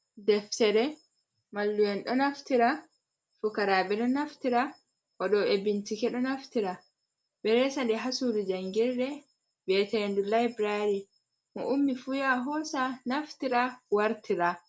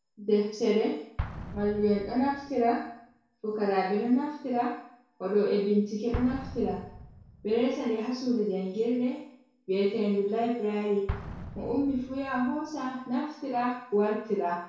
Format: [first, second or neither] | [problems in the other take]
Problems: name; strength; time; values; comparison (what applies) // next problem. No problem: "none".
first | background sound (Explosion); 15 dB below the speech // room echo; dies away in 0.6 s